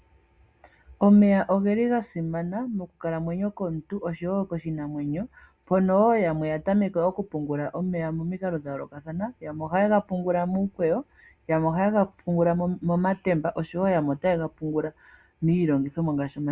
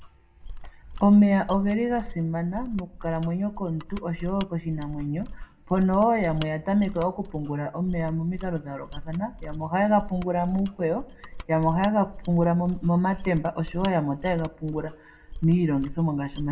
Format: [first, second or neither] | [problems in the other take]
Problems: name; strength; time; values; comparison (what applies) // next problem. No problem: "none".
first | background sound (Mechanisms); 13 dB below the speech // room echo; dies away in 0.4 s